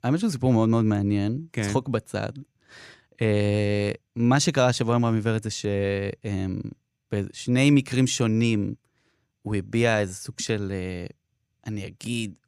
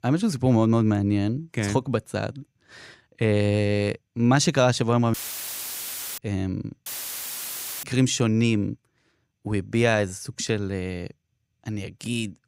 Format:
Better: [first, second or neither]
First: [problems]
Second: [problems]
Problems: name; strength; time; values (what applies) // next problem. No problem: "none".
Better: first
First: none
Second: audio cutting out; filled with static; at 5 s for 1 s and at 7 s for 1 s